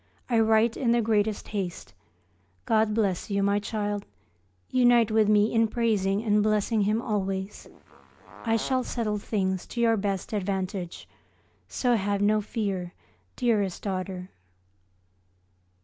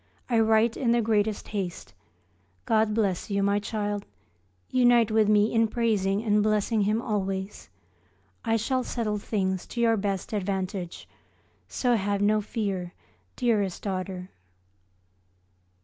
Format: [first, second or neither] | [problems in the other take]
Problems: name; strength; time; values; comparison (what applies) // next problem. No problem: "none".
second | background sound (Fart); 18 dB below the speech